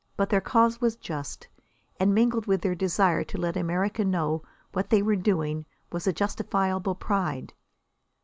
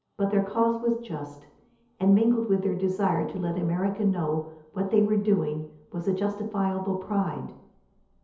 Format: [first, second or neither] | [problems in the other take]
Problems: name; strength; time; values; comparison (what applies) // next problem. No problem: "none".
first | room echo; dies away in 0.8 s